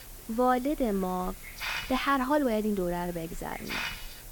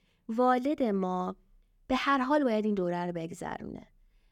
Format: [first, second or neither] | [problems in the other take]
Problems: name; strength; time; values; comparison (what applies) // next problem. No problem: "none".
second | hiss; loud; throughout; 10 dB below the speech